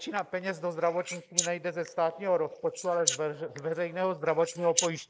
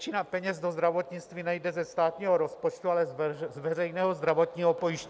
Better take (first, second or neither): second